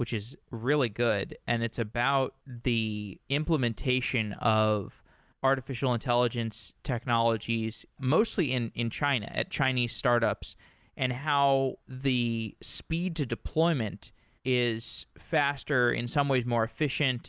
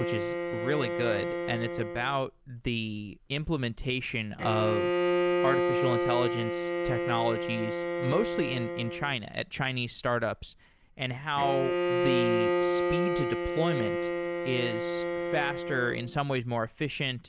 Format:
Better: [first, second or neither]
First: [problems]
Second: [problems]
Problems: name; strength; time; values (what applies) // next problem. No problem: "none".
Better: first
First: none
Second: background sound (Bowed string instrument); 1 dB above the speech